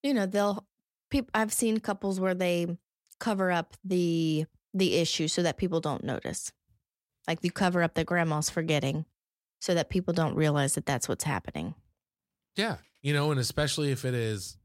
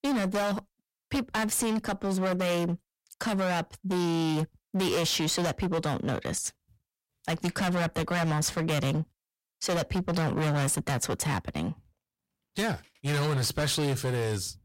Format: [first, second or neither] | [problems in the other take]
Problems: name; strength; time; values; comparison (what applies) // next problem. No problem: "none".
first | distortion; heavy; 22% of the sound clipped